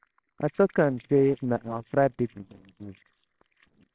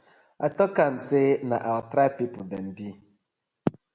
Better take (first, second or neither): second